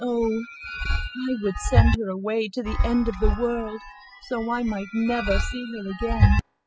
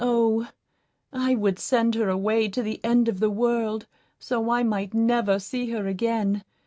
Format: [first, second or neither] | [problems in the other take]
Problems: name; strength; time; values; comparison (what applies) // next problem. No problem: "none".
second | noise reduction (classical method spectral subtraction)